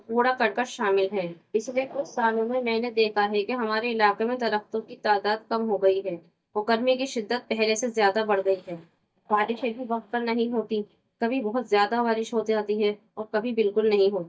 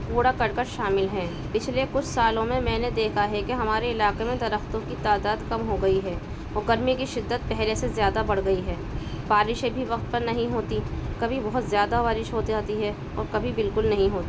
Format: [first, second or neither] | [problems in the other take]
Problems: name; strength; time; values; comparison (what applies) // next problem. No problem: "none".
second | noise reduction (neural mask model DeepFilterNet 3)